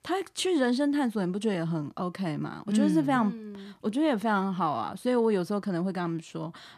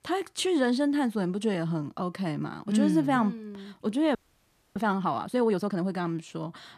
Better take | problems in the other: first | audio freezing; at 4 s for 0.5 s

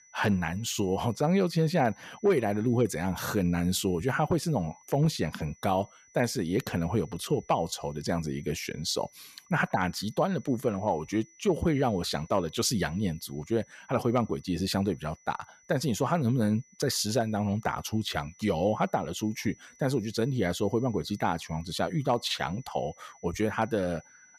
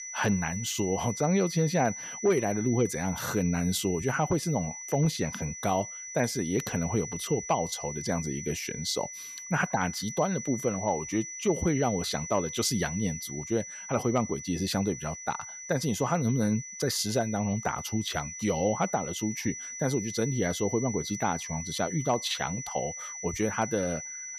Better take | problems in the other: first | high-pitched whine; loud; throughout; 6 kHz, 8 dB below the speech; faint in the first

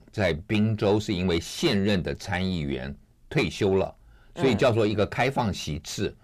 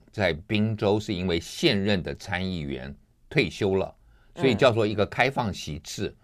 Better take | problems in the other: second | distortion; slight; 10 dB below the speech

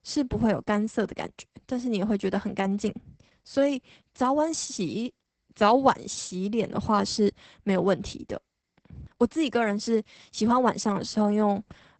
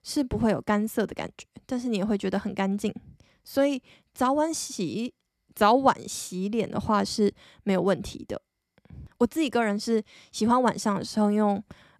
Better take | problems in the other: second | garbled, watery; badly; nothing above 8 kHz

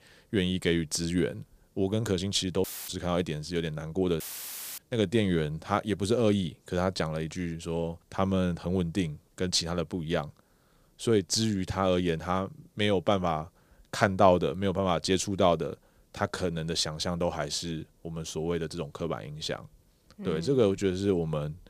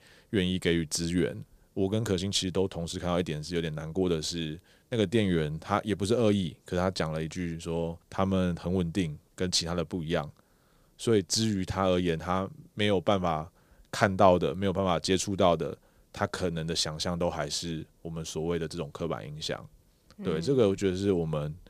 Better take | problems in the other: second | audio cutting out; filled with static; at 2.5 s and at 4 s for 0.5 s

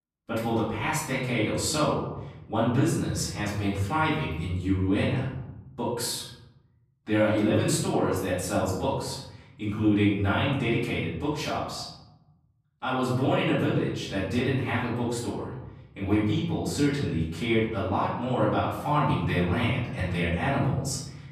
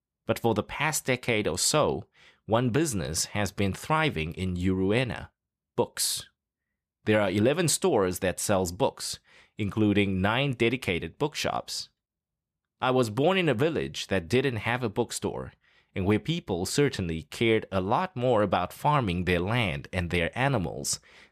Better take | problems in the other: second | off-mic speech; far // room echo; noticeable; dies away in 1 s

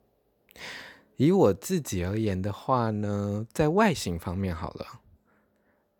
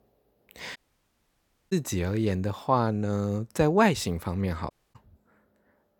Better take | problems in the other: first | audio cutting out; at 1 s for 1 s and at 4.5 s

